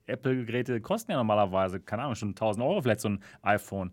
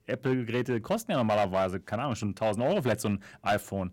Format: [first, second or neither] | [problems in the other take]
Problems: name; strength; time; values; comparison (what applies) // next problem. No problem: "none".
first | distortion; slight; 4% of the sound clipped